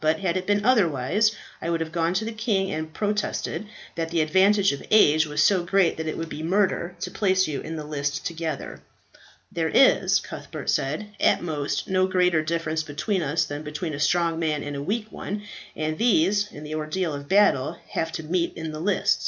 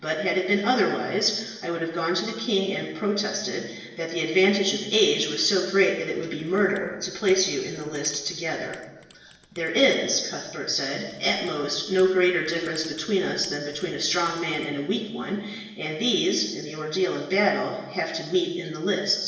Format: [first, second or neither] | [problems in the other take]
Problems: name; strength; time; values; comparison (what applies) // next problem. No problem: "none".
first | noise reduction (neural separator model SepFormer DNS4)